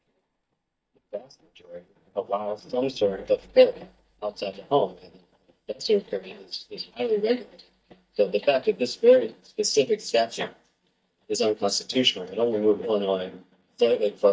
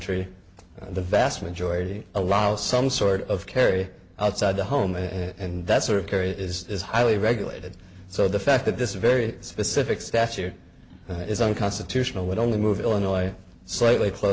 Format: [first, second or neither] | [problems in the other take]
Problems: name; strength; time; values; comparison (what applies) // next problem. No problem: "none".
second | noise reduction (neural mask model DeepFilterNet 3)